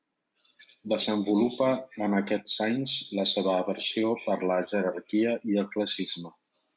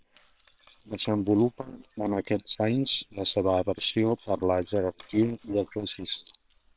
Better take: first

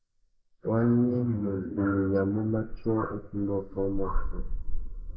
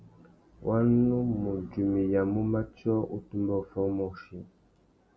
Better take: second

